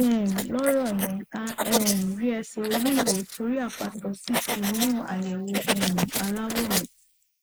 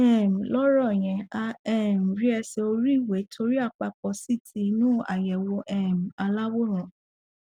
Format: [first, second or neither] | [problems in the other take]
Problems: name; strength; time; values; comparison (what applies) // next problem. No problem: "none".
second | noise reduction (neural mask model Resemble Enhance denoiser)